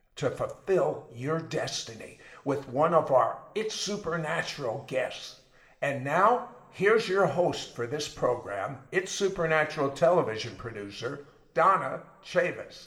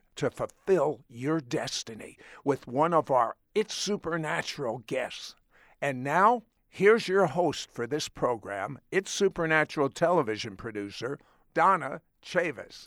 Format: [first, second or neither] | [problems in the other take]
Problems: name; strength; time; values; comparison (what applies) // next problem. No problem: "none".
second | room echo; slight; dies away in 0.7 s